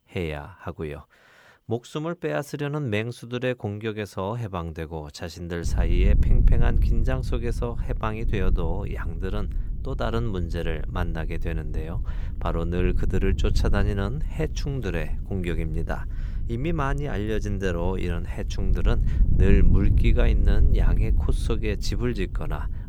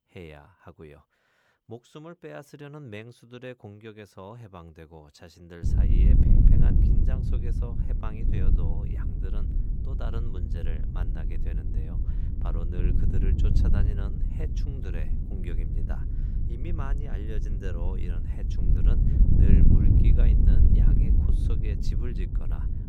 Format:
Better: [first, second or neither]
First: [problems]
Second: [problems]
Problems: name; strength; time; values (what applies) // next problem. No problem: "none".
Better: first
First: wind noise on the microphone; occasional gusts; from 5.5 s on; 10 dB below the speech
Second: wind noise on the microphone; heavy; from 5.5 s on; 3 dB above the speech